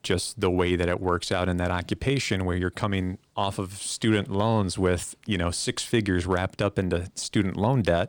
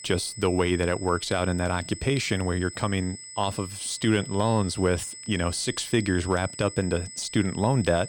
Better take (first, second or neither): first